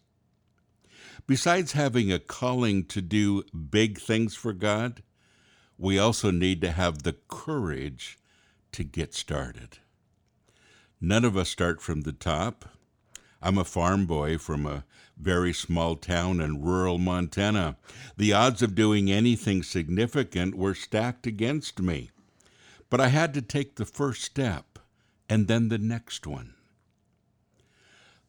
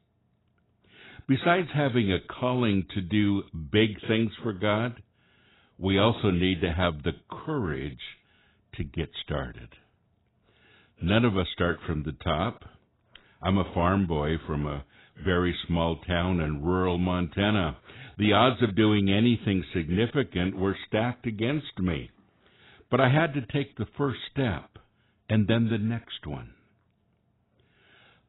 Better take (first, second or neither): first